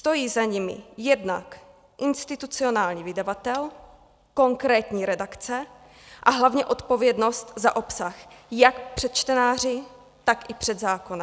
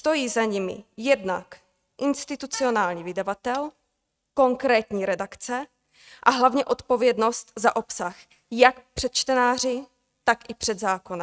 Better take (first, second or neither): first